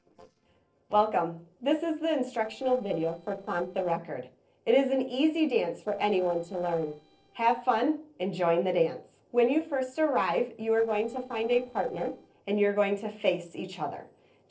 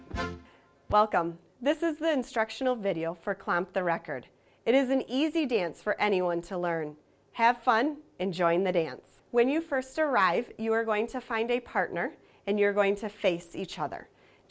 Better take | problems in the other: second | noise reduction (neural separator model SepFormer DNS4)

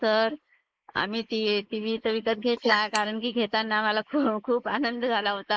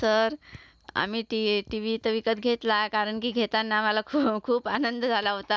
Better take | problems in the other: second | noise reduction (neural mask model Resemble Enhance denoiser)

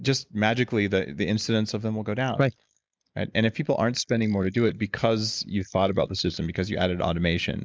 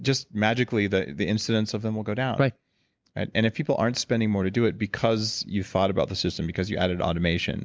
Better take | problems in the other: second | noise reduction (neural mask model Resemble Enhance denoiser)

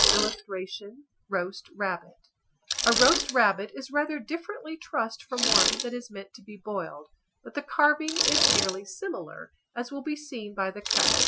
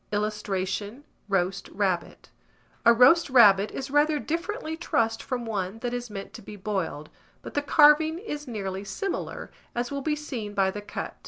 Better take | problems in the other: second | noise reduction (classical method Wiener filter)

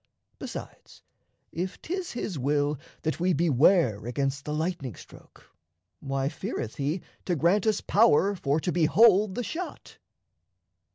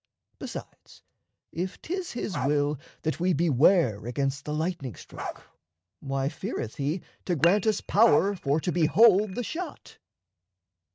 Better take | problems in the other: first | noise reduction (neural mask model RNNoise)

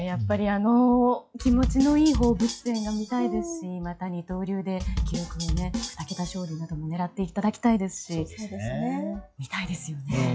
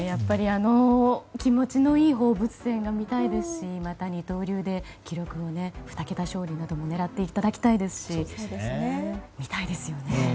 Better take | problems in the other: second | noise reduction (classical method log-MMSE)

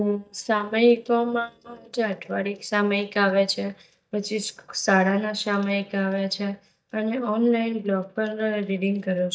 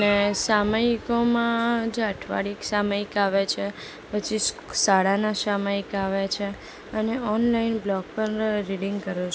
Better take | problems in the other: second | noise reduction (neural mask model DeepFilterNet 3)

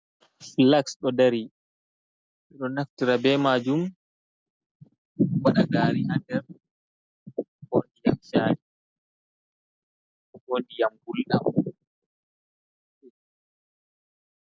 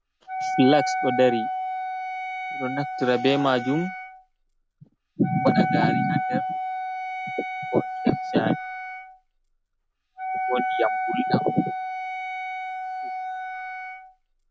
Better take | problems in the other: first | background sound (Wind instrument, woodwind instrument); 3 dB below the speech

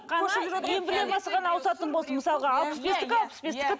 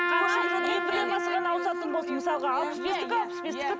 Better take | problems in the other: first | background sound (Trumpet); as loud as the speech

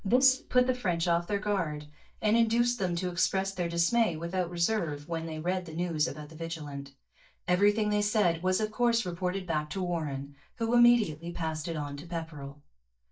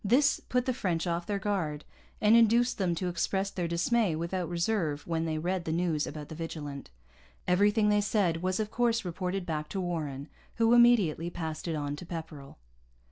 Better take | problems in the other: second | noise reduction (neural mask model DeepFilterNet 3)

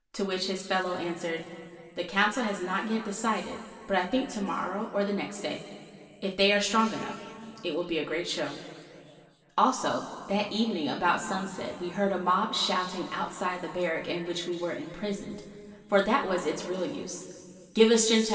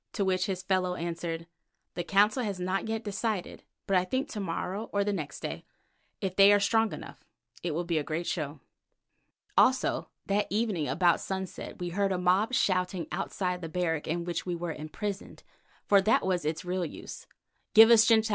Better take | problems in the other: second | room echo; dies away in 2.4 s

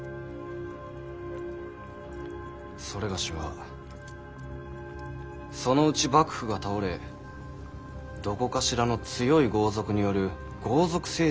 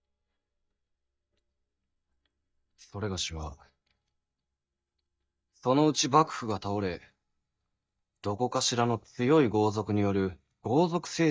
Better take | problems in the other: first | noise reduction (neural mask model DeepFilterNet 3)

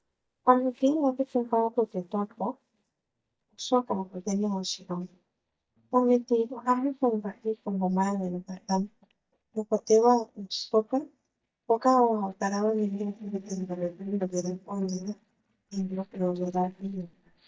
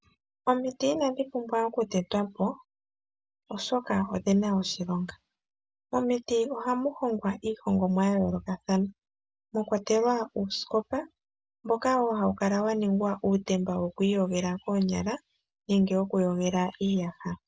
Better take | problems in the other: second | noise reduction (neural mask model DeepFilterNet 3)

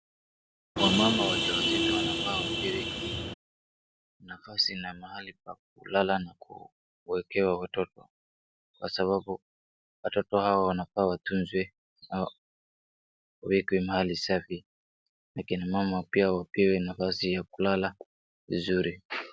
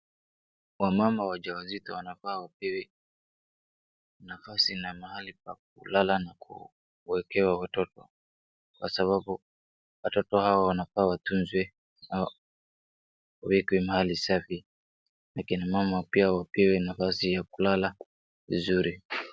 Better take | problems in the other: second | background sound (Vehicle horn, car horn, honking); 3 dB above the speech

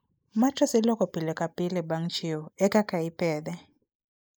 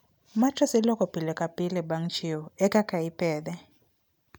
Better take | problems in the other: second | noise reduction (neural mask model Resemble Enhance denoiser)

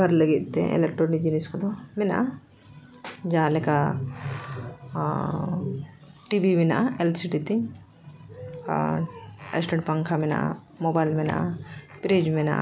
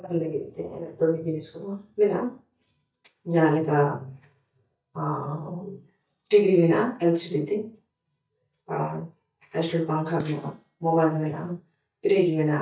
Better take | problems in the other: first | noise reduction (neural mask model DeepFilterNet 3)

